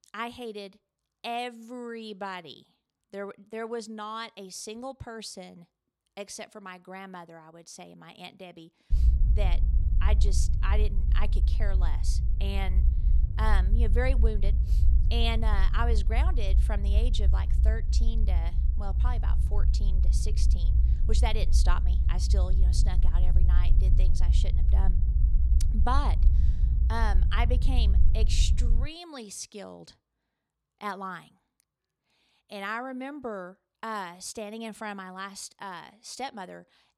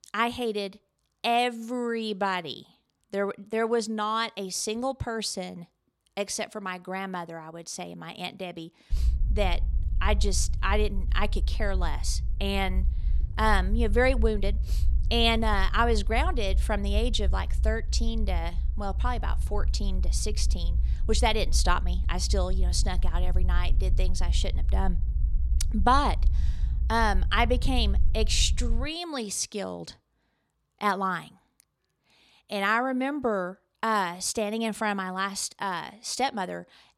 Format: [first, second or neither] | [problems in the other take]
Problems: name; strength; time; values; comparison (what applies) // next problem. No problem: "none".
second | low rumble; loud; from 9 to 29 s; 10 dB below the speech; faint in the second